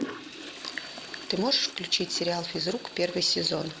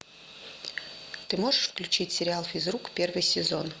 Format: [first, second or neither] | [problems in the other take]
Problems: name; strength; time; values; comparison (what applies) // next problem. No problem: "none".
second | background sound (Toilet flush); 13 dB below the speech